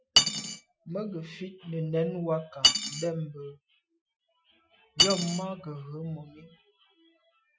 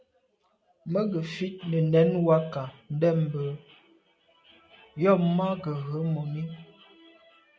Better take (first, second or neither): second